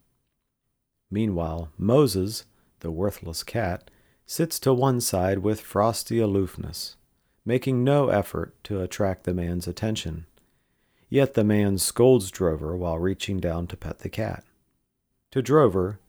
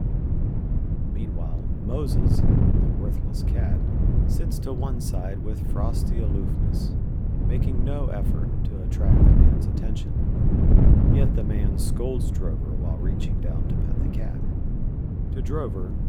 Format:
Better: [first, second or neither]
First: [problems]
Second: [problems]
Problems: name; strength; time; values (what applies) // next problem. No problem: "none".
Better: first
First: none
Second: wind noise on the microphone; heavy; 3 dB above the speech